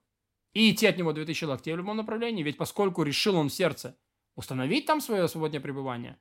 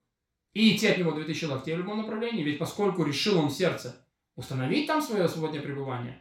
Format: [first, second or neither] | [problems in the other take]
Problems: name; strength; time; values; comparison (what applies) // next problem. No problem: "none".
first | room echo; noticeable; dies away in 0.3 s // off-mic speech; far